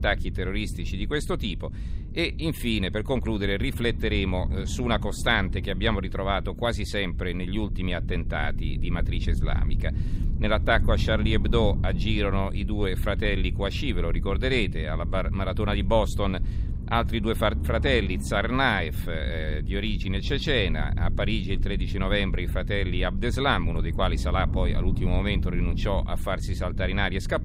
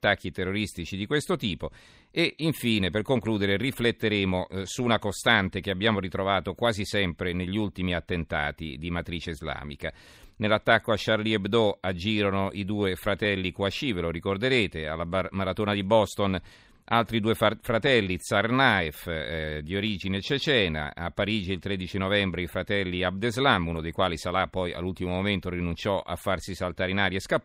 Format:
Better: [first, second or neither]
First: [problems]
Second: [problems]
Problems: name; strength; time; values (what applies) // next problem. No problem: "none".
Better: second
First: low rumble; noticeable; throughout; 15 dB below the speech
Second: none